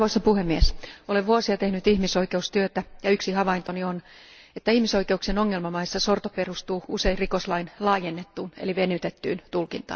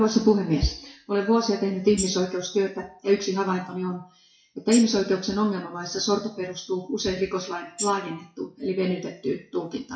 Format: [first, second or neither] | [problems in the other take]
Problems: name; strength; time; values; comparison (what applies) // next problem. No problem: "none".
first | noise reduction (classical method WPE with log-MMSE)